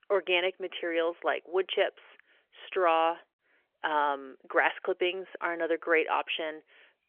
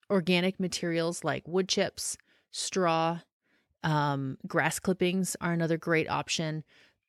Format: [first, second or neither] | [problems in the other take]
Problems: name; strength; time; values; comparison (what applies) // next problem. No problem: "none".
second | phone-call audio; nothing above 3.5 kHz